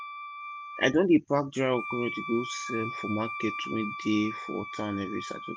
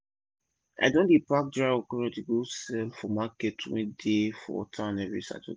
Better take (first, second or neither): second